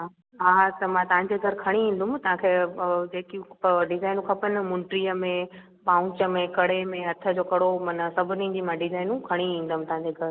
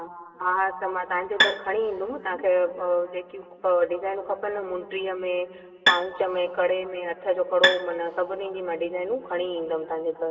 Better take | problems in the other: first | background sound (Bowed string instrument); as loud as the speech // room echo; dies away in 2.6 s

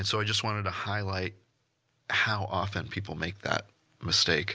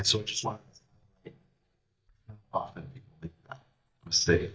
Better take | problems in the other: first | noise reduction (neural mask model DeepFilterNet 3)

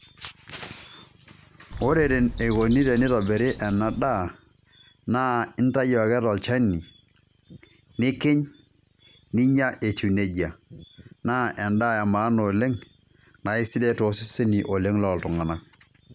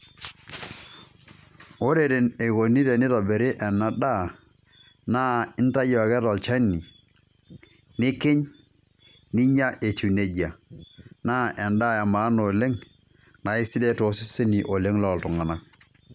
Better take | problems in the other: second | background sound (Bird); 11 dB below the speech

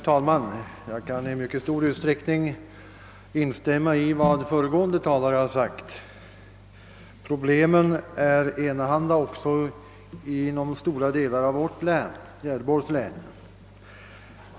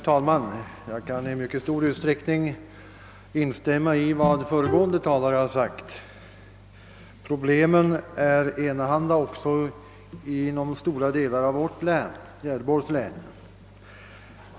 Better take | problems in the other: first | background sound (Bowed string instrument); 11 dB below the speech

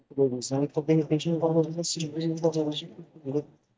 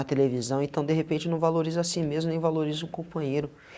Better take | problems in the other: second | noise reduction (neural mask model DeepFilterNet 3)

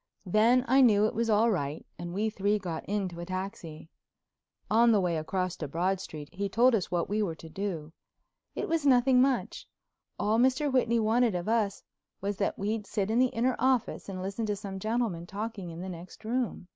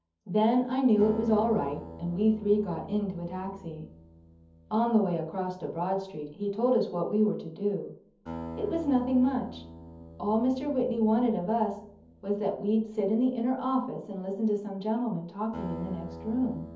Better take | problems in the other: first | background sound (Acoustic guitar); 16 dB below the speech // room echo; dies away in 0.7 s

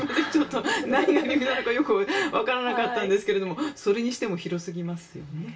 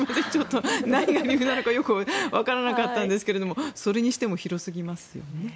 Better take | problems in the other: second | room echo; dies away in 0.2 s

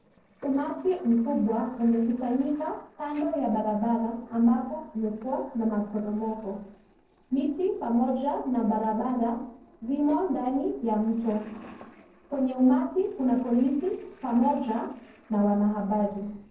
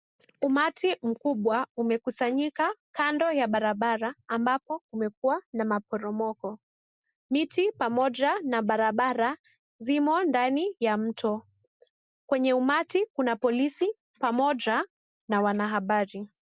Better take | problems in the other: second | noise reduction (neural separator model SepFormer DNS4)

